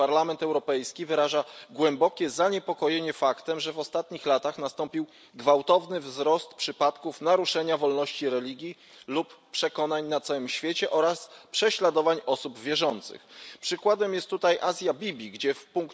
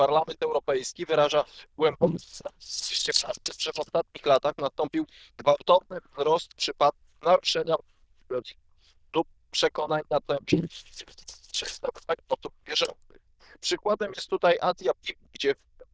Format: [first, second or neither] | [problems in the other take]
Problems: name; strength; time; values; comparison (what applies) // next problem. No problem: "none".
first | noise reduction (neural diffusion model UNIVERSE++)